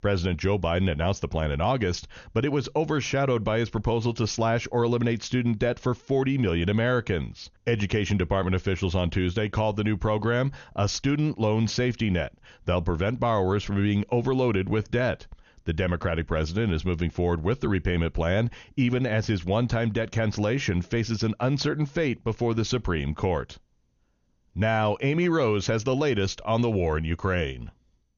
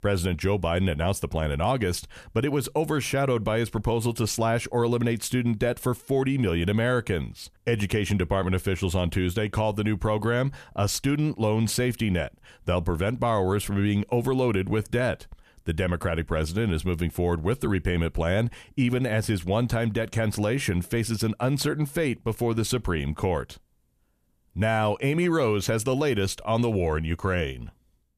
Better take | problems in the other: second | garbled, watery; slightly; nothing above 6.5 kHz

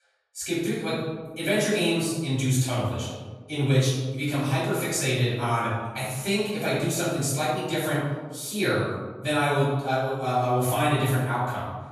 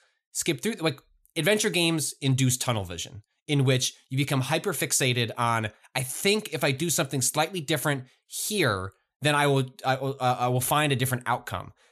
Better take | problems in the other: second | room echo; noticeable; dies away in 1.3 s // off-mic speech; far

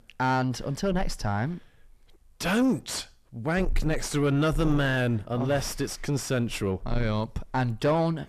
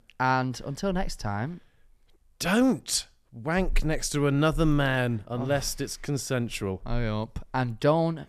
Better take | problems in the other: second | distortion; slight; 9 dB below the speech

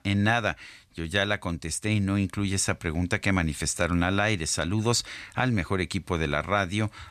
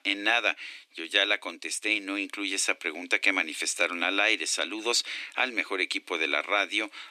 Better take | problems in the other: first | thin; somewhat; fading below 300 Hz

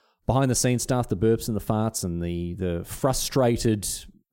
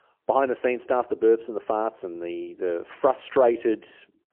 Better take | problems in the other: first | phone-call audio; poor line

